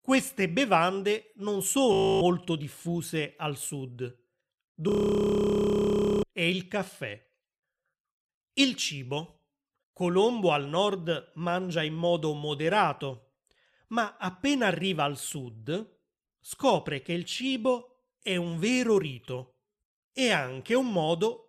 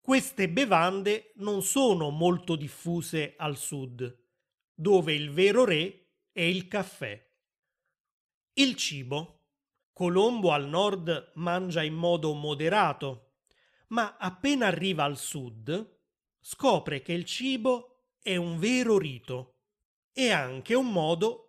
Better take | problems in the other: second | audio freezing; at 2 s and at 5 s for 1.5 s

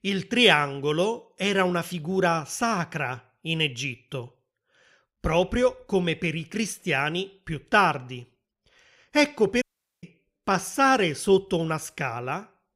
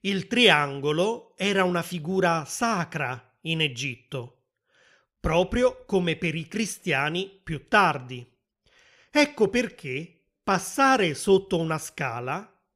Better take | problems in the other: second | audio cutting out; at 9.5 s

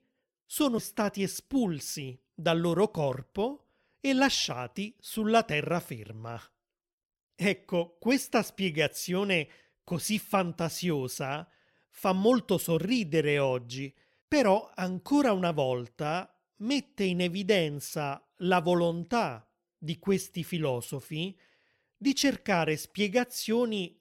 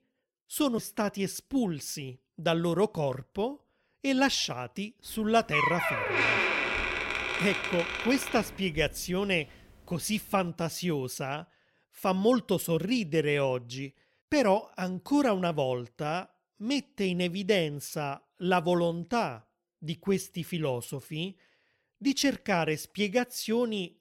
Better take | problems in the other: first | door banging; loud; from 5.5 to 9 s; peak 6 dB above the speech

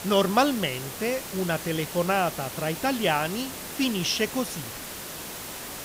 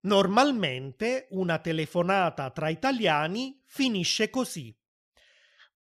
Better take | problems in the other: second | hiss; loud; throughout; 8 dB below the speech

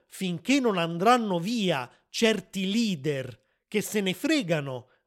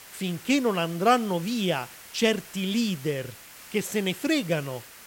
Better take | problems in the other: first | hiss; noticeable; throughout; 15 dB below the speech

